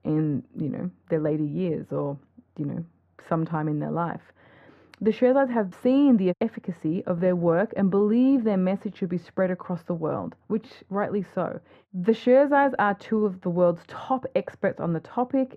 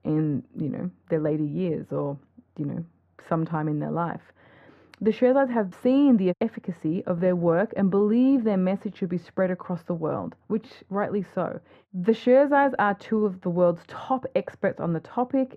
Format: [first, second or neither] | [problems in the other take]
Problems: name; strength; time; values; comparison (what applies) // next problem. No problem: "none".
neither | muffled; very; fading above 3 kHz; the same in both